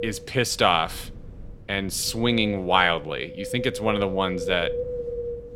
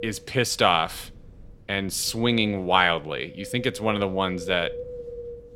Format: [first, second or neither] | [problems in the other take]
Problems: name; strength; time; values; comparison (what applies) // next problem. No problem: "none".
second | wind noise on the microphone; heavy; 10 dB below the speech; occasional gusts in the second